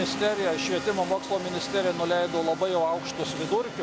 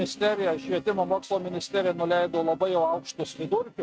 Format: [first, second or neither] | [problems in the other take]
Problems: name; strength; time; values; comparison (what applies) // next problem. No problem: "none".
first | noise reduction (neural mask model RNNoise)